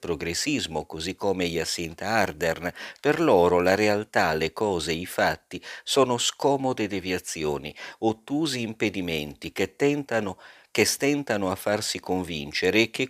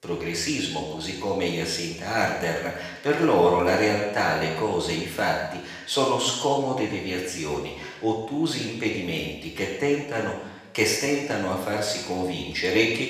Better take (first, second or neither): first